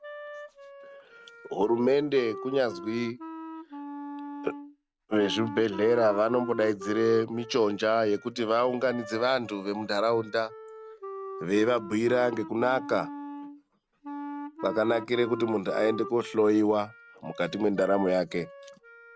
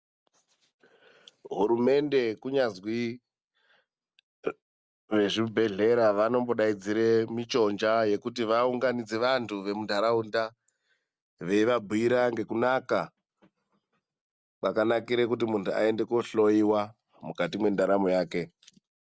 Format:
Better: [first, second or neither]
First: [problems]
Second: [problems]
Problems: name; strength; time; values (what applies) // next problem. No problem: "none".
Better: second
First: background sound (Wind instrument, woodwind instrument); 13 dB below the speech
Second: none